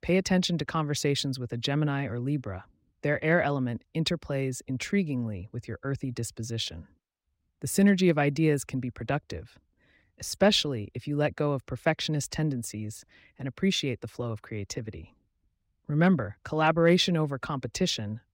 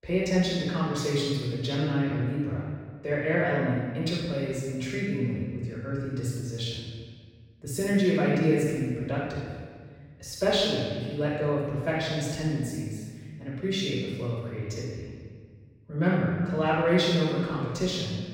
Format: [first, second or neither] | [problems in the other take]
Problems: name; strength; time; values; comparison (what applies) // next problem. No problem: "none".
first | off-mic speech; far // room echo; strong; dies away in 1.6 s